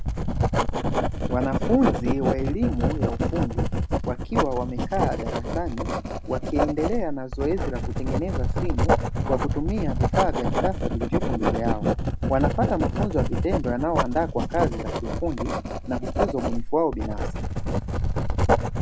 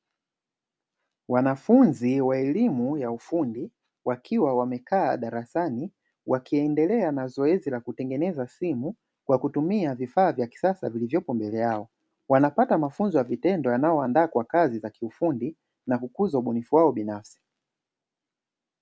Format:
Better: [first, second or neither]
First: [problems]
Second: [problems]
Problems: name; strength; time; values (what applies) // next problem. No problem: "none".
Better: second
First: background sound (Writing); 4 dB above the speech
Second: none